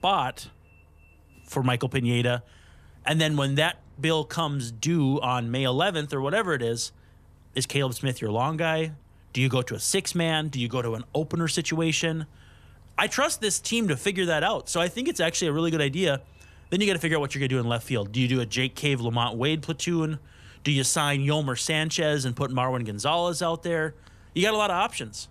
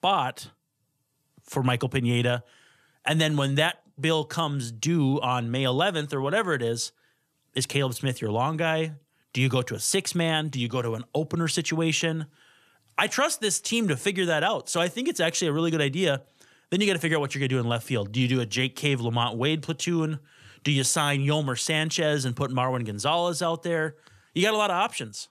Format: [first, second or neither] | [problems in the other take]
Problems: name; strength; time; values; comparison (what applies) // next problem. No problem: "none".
second | traffic noise; faint; throughout; 30 dB below the speech